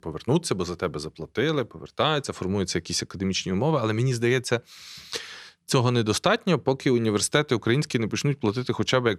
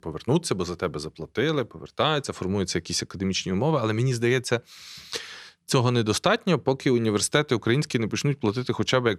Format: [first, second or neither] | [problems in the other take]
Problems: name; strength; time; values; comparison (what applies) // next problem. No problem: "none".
neither | none